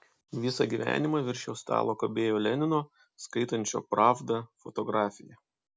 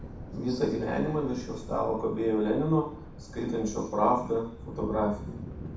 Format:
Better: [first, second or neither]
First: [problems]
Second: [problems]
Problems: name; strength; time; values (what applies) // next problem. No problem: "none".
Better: first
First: none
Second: background sound (Thunder); 12 dB below the speech // room echo; dies away in 0.7 s